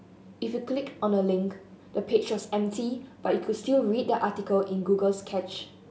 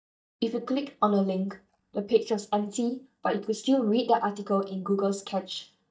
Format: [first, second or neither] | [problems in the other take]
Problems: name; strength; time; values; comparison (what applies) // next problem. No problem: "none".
first | noise reduction (neural mask model DeepFilterNet 3)